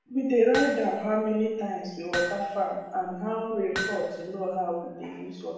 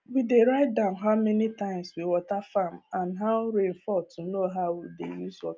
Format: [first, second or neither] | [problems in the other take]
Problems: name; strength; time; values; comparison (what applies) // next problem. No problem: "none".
second | background sound (Hammer); 10 dB below the speech // room echo; dies away in 0.9 s